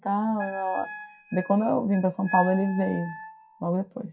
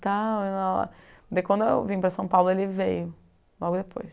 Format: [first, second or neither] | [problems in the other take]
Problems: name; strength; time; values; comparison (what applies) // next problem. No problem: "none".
second | noise reduction (classical method WPE with log-MMSE)